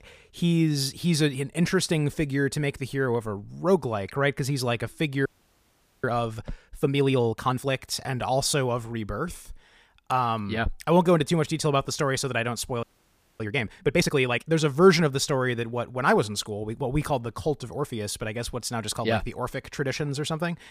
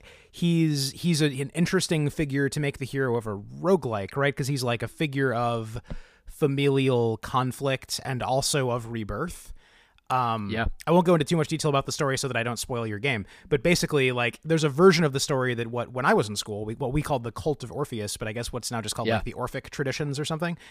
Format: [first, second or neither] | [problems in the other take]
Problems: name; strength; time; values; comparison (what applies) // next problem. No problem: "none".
second | audio freezing; at 5.5 s for 1 s and at 13 s for 0.5 s